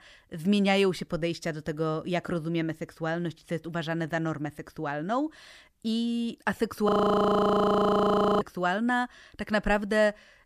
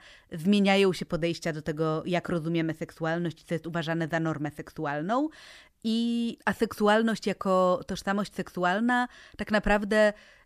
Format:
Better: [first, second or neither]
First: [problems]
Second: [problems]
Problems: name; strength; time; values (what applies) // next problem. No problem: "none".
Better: second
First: audio freezing; at 7 s for 1.5 s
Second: none